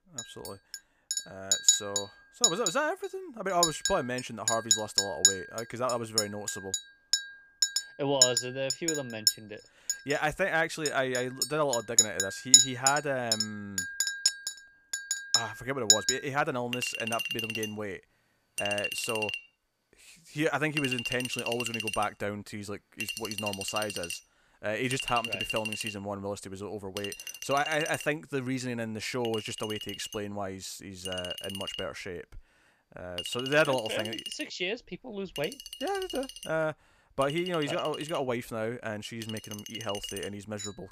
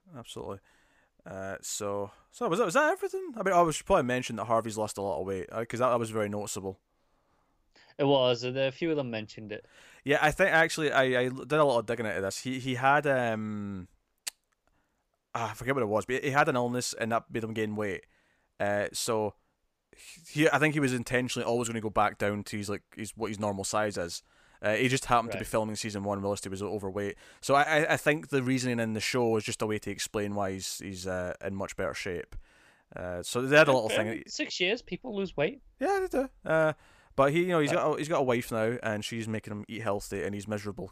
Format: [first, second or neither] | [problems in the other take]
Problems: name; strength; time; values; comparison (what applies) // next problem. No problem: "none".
second | household noises; very loud; throughout; 4 dB above the speech